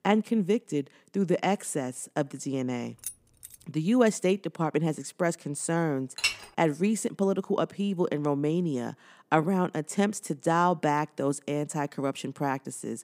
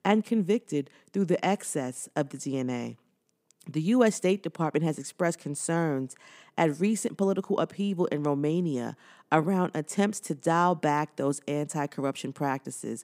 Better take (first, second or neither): second